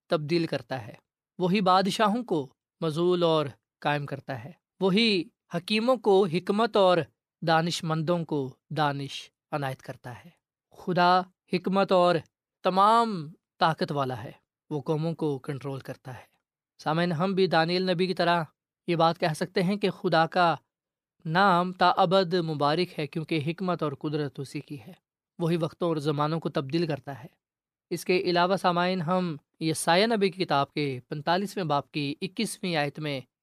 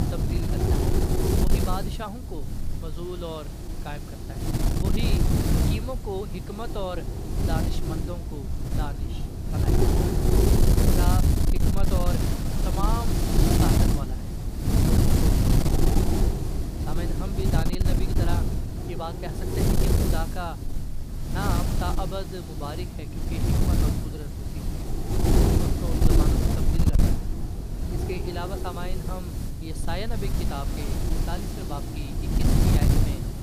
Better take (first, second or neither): first